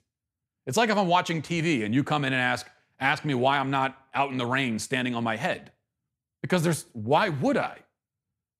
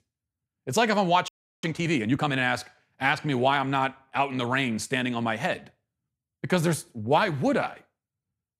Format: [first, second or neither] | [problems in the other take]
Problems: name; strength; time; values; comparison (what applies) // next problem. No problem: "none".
first | audio freezing; at 1.5 s